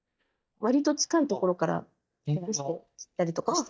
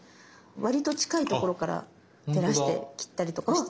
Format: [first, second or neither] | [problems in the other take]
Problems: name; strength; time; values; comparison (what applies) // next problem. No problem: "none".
second | noise reduction (neural mask model DeepFilterNet 3)